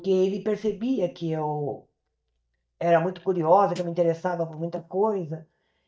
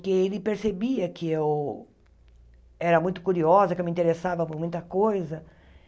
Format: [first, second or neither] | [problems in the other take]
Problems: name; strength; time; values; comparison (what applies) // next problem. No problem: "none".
second | noise reduction (neural mask model DeepFilterNet 3)